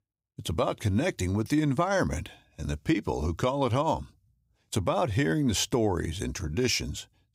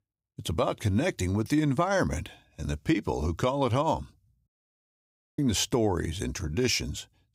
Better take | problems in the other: first | audio cutting out; at 4.5 s for 1 s

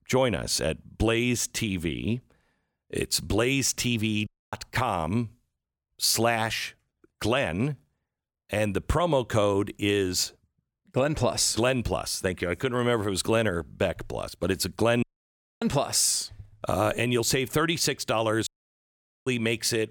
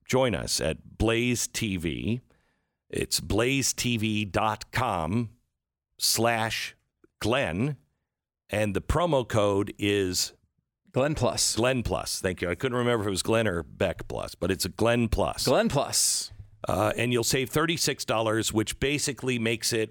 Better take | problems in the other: second | audio cutting out; at 4.5 s, at 15 s for 0.5 s and at 18 s for 1 s

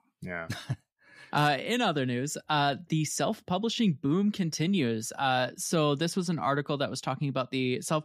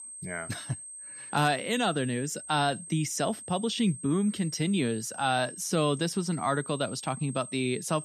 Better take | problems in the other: first | high-pitched whine; noticeable; throughout; 8.5 kHz, 10 dB below the speech

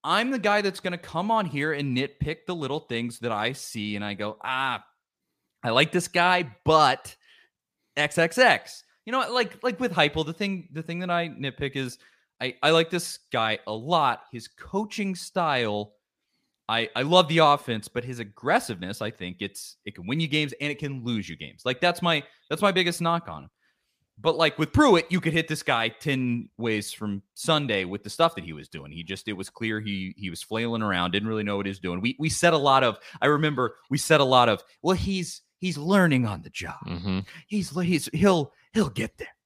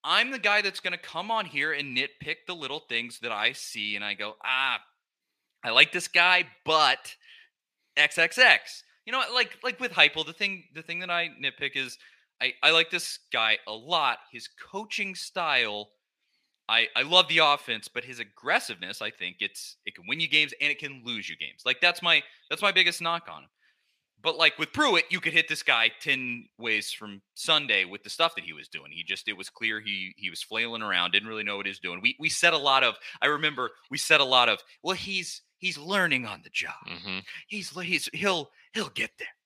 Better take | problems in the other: first | thin; somewhat; fading below 550 Hz

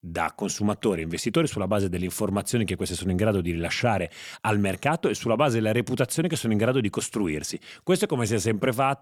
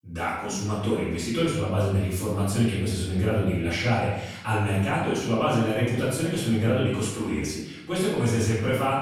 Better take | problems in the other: first | room echo; noticeable; dies away in 0.8 s // off-mic speech; far

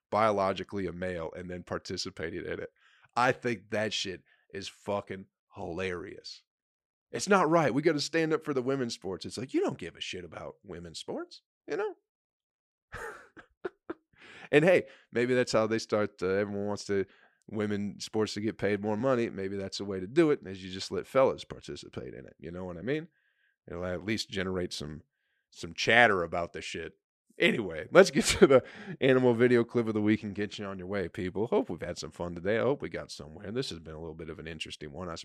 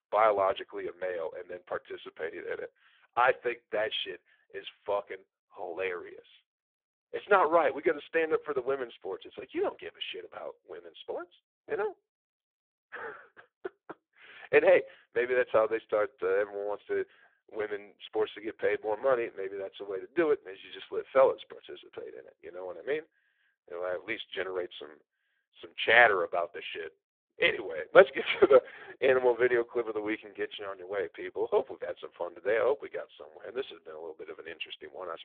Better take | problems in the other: first | phone-call audio; poor line

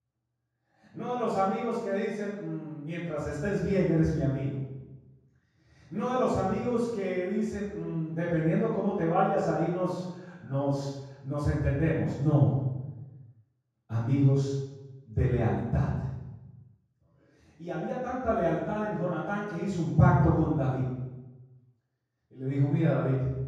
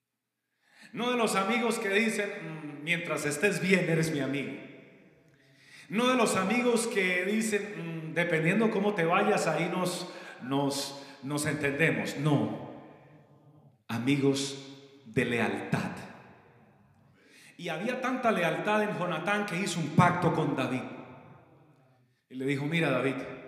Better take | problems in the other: second | room echo; strong; dies away in 1.3 s; slight in the second // off-mic speech; far

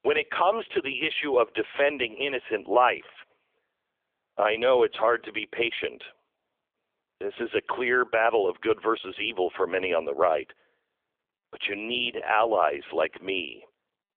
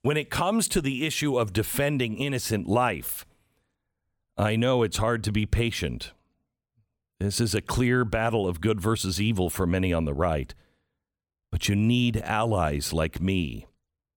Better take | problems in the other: second | phone-call audio; poor line; nothing above 3.5 kHz

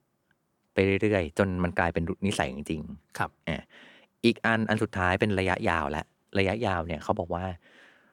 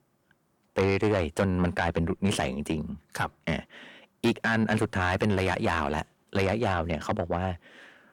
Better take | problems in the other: first | distortion; heavy; 7 dB below the speech

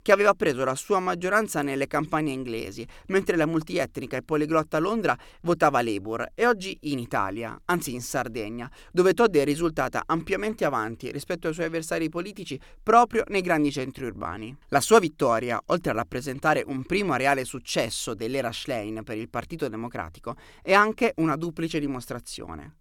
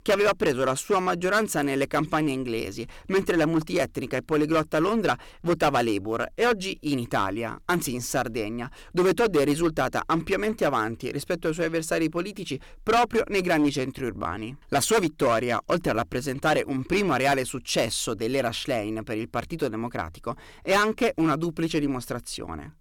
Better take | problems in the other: first | distortion; heavy; 6% of the sound clipped

